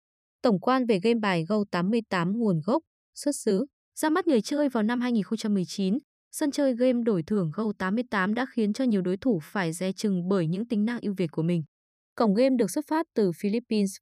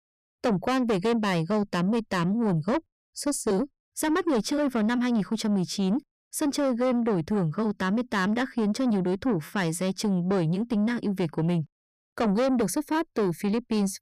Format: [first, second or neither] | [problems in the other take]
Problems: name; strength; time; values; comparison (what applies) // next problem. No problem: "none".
first | distortion; slight; 10 dB below the speech